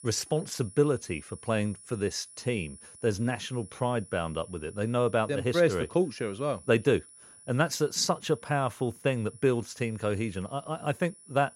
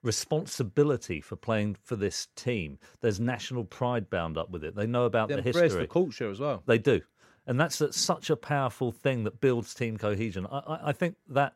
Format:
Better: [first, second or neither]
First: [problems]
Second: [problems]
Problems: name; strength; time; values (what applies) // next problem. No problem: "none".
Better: second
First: high-pitched whine; noticeable; throughout; 10 kHz, 20 dB below the speech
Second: none